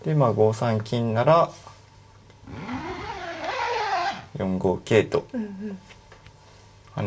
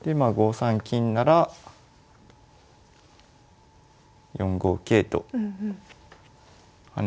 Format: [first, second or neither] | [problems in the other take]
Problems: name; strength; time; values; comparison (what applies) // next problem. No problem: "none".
second | background sound (Zipper (clothing)); 9 dB below the speech // room echo; dies away in 0.2 s